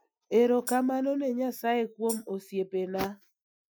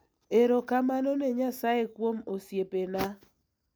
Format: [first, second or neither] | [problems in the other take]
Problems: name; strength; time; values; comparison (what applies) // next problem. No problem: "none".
second | noise reduction (classical method Wiener filter)